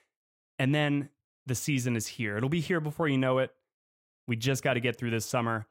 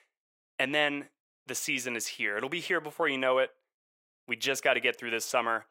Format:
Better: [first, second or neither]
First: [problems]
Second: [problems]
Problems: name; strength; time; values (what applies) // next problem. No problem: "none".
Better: first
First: none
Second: thin; somewhat; fading below 500 Hz